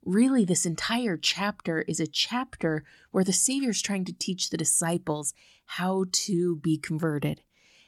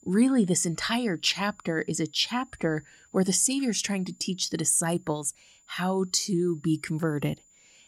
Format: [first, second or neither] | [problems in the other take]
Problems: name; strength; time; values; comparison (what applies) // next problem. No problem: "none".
first | high-pitched whine; faint; throughout; 7 kHz, 30 dB below the speech